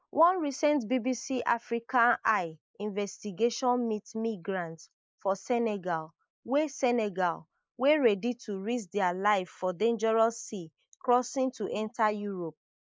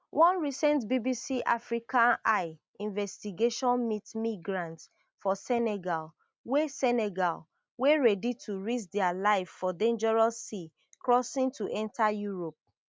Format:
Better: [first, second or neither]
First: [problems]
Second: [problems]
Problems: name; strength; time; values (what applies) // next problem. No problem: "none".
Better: second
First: noise reduction (neural mask model Resemble Enhance denoiser)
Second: none